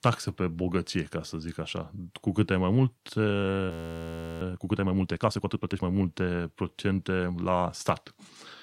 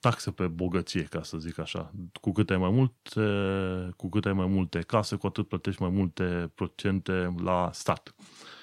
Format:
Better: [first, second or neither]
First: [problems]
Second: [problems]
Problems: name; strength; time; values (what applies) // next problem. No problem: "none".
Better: second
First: audio freezing; at 3.5 s for 0.5 s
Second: none